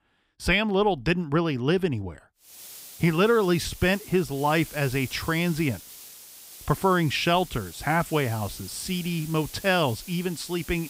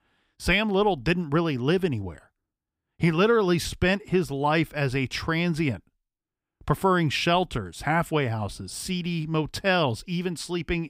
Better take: second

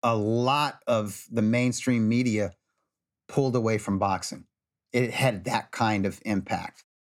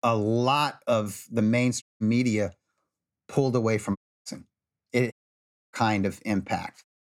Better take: first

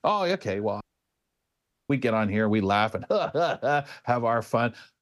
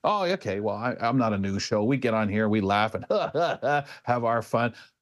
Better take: second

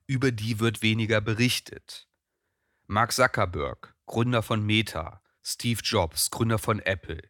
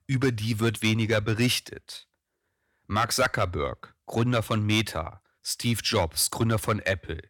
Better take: first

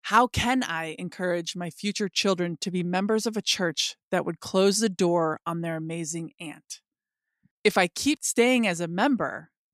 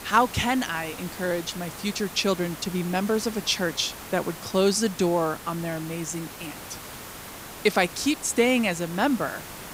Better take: first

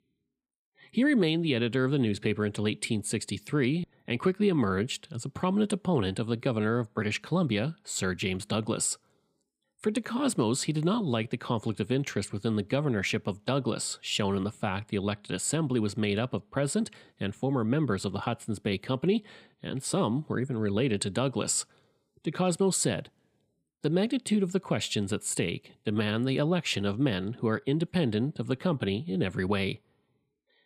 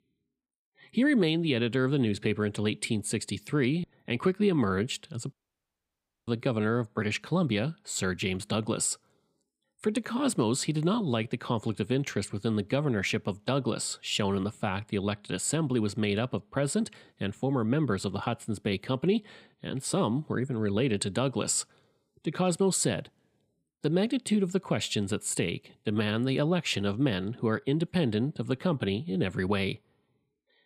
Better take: first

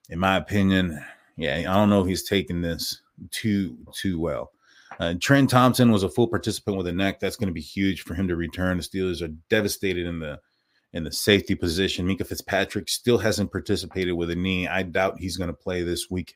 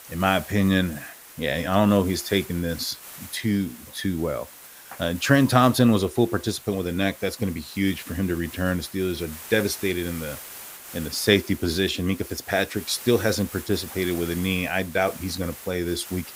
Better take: first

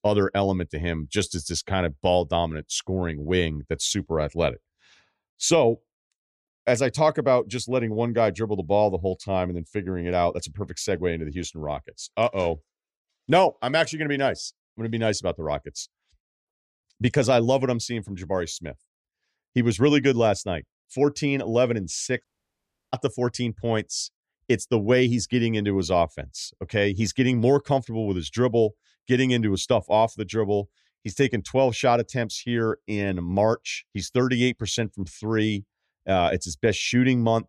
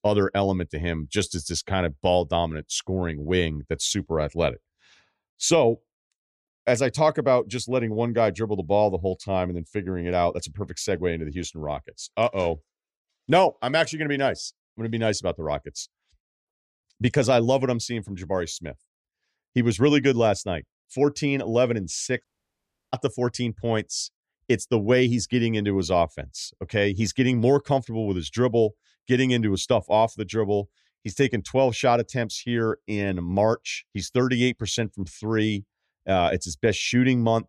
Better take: neither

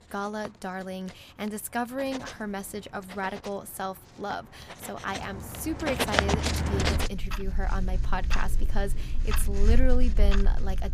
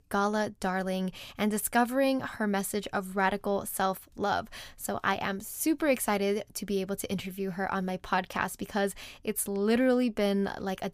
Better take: second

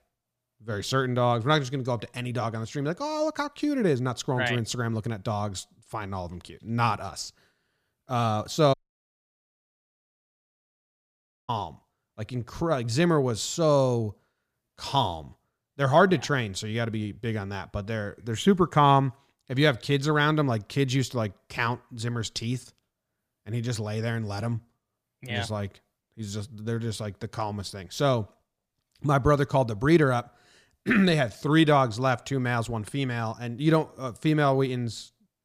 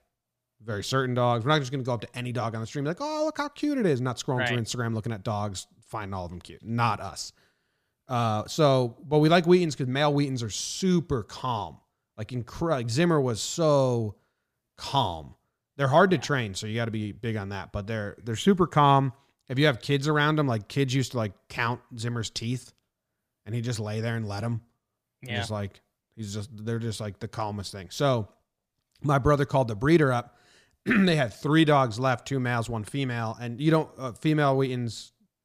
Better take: second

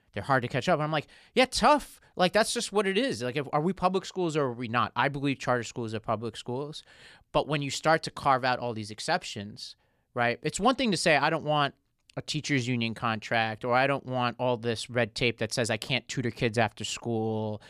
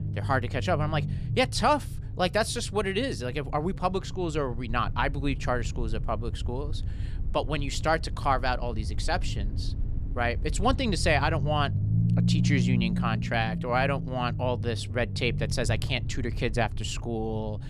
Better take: first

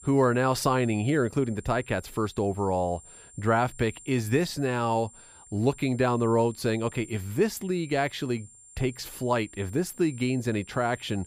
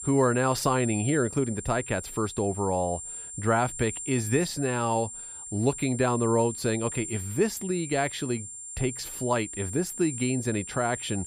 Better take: first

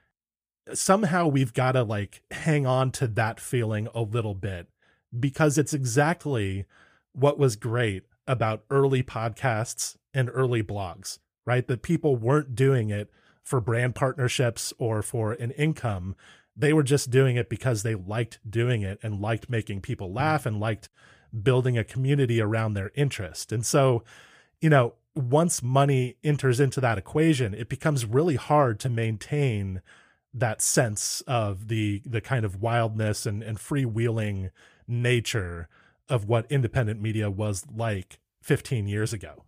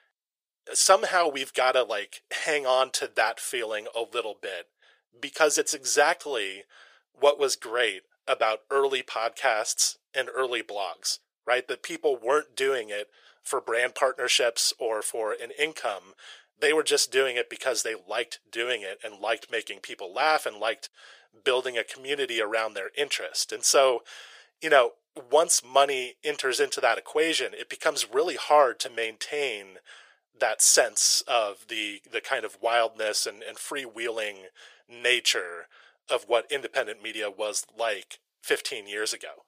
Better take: first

